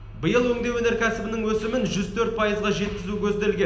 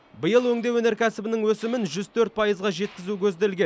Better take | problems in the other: second | background sound (Motor vehicle (road)); 15 dB below the speech // room echo; dies away in 0.8 s

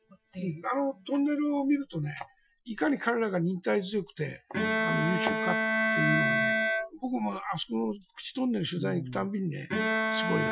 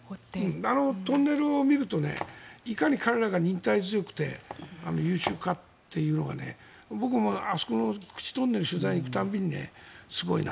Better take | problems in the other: second | noise reduction (classical method Wiener filter)

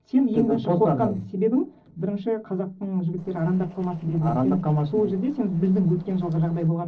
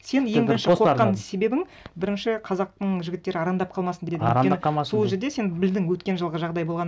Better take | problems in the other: second | noise reduction (neural separator model SepFormer DNS4)

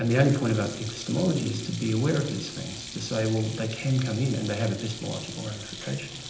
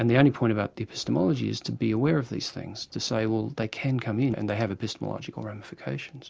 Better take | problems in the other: second | background sound (Sink (filling or washing)); 13 dB below the speech // room echo; dies away in 0.8 s

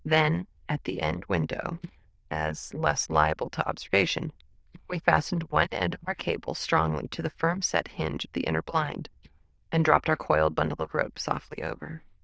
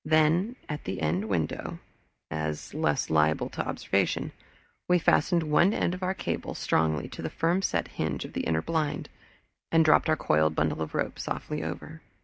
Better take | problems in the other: second | noise reduction (neural diffusion model UNIVERSE++)

